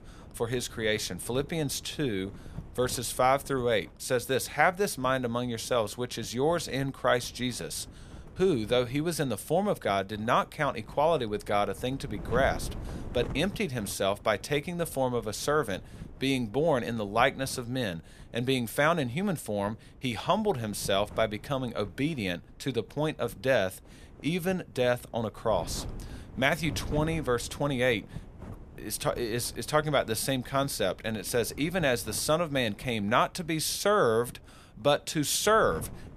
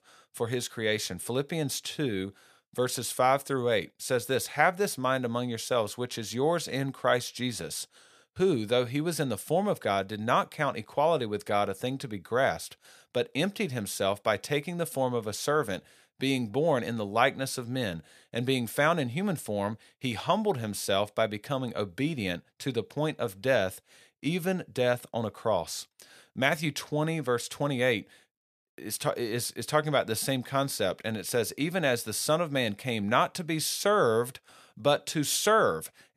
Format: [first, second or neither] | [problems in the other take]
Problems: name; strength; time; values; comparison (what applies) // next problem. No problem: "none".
second | wind noise on the microphone; occasional gusts; 25 dB below the speech